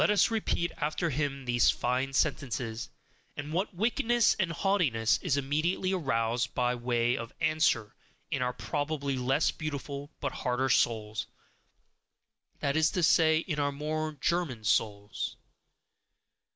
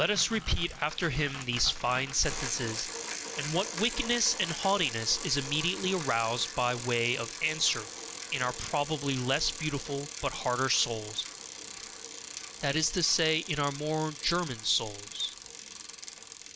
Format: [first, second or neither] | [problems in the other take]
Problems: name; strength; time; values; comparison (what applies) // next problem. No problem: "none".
first | background sound (Bicycle); 9 dB below the speech